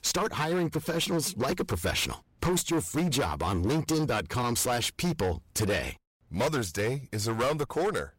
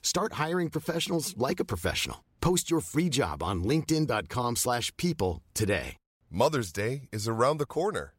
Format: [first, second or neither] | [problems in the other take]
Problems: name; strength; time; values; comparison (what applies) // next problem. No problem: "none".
second | distortion; heavy; 18% of the sound clipped